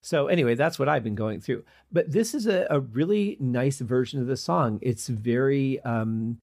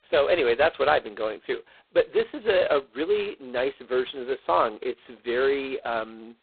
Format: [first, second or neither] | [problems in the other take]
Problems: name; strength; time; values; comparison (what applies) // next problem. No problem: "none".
first | phone-call audio; poor line; nothing above 4 kHz